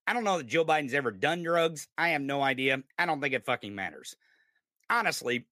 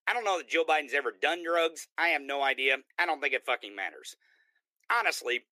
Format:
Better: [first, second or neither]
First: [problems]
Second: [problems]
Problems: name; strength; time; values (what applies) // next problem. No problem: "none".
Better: first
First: none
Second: thin; somewhat; fading below 350 Hz